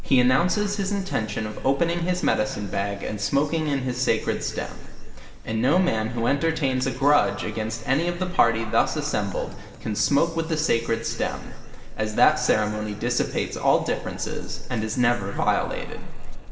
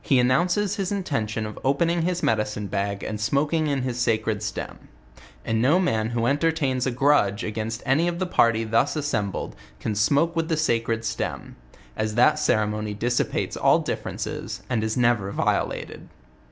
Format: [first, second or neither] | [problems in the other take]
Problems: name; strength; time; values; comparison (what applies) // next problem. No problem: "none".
second | background sound (Chewing, mastication / Livestock, farm animals, working animals); 8 dB below the speech // room echo; dies away in 2.1 s